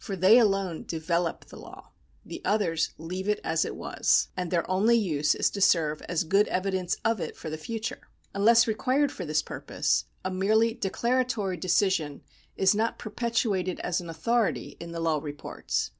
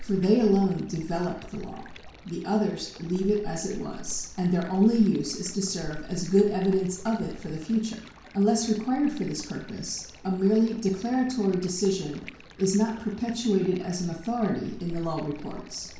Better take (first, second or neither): first